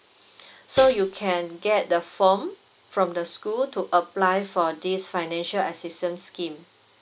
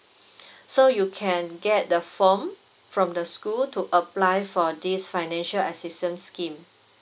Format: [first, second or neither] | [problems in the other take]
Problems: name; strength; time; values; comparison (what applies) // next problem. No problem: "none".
second | background sound (Hi-hat); 10 dB below the speech